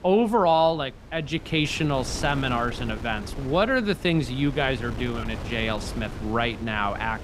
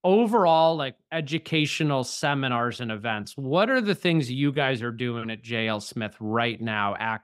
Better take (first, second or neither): second